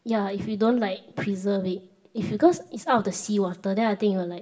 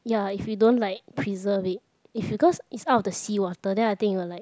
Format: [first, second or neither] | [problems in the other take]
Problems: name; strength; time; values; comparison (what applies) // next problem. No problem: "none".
second | room echo; dies away in 0.6 s